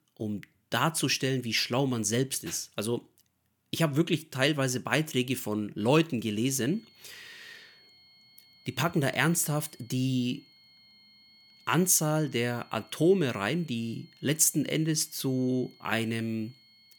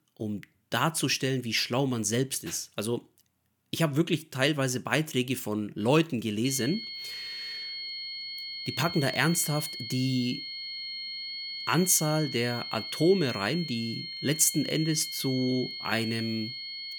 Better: first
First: high-pitched whine; faint; from 6.5 s on; 4.5 kHz, 30 dB below the speech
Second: high-pitched whine; loud; from 6.5 s on; 4.5 kHz, 7 dB below the speech

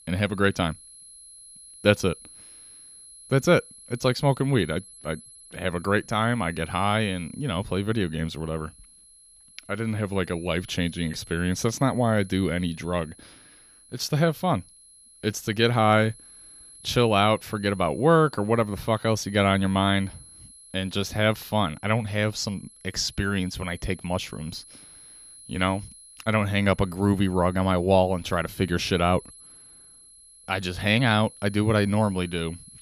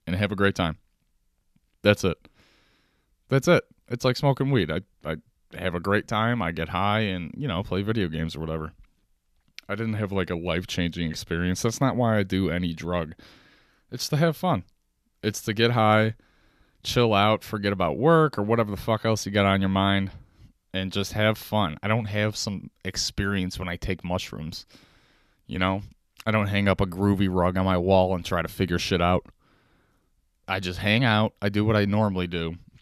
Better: second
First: high-pitched whine; faint; throughout; 11 kHz, 20 dB below the speech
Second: none

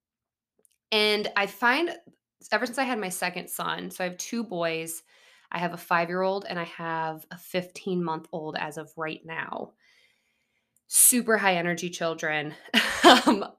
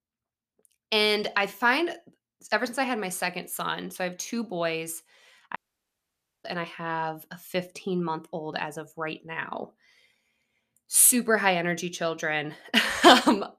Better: first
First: none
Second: audio cutting out; at 5.5 s for 1 s

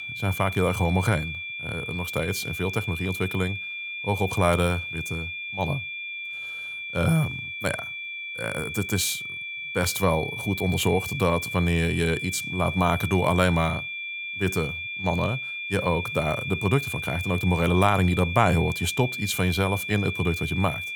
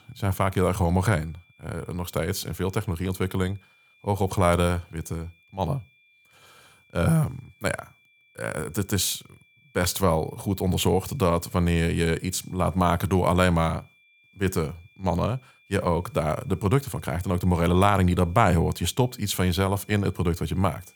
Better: second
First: high-pitched whine; loud; throughout; 2.5 kHz, 5 dB below the speech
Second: high-pitched whine; faint; throughout; 2.5 kHz, 30 dB below the speech

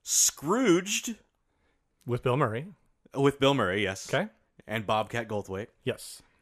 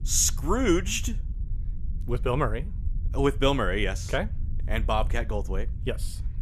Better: first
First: none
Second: low rumble; faint; throughout; 25 dB below the speech

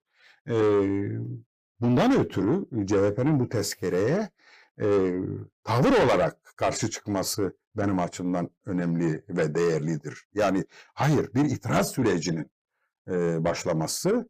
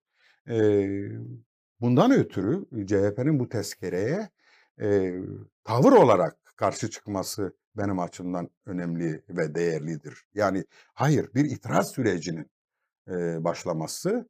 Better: second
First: distortion; heavy; 7 dB below the speech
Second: none

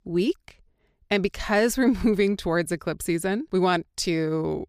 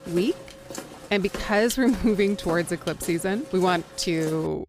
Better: first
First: none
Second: footsteps; faint; peak 10 dB below the speech

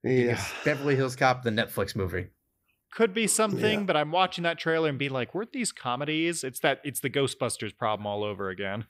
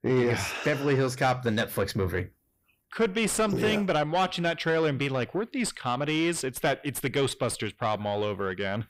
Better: first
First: none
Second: distortion; slight; 10 dB below the speech

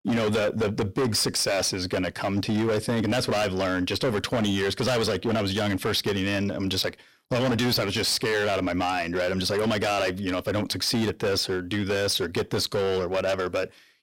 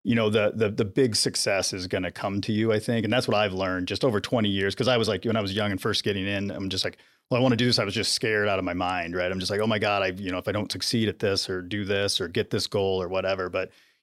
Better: second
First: distortion; heavy; 19% of the sound clipped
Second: none

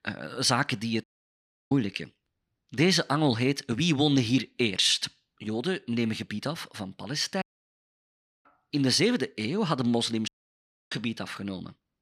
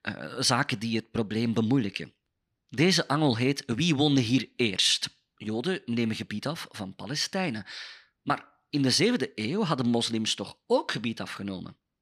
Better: second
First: audio cutting out; at 1 s for 0.5 s, at 7.5 s for 1 s and at 10 s for 0.5 s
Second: none

